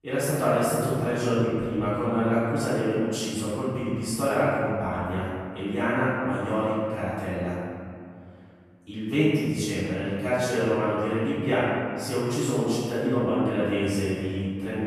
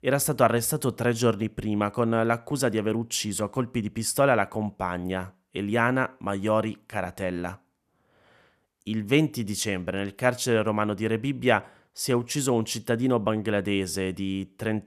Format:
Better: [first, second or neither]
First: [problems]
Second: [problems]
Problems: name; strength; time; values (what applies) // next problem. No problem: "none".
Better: second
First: off-mic speech; far // room echo; strong; dies away in 2.3 s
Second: none